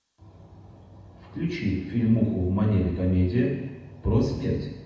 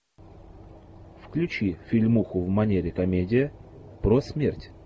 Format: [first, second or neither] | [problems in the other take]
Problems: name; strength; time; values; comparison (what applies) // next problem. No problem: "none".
second | room echo; dies away in 1 s